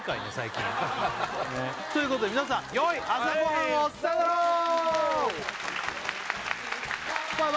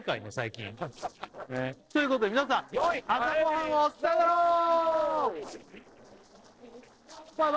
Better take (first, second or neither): first